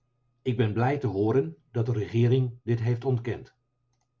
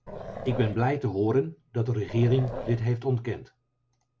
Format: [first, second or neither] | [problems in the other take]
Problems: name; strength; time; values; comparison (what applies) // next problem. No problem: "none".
first | background sound (Growling); 11 dB below the speech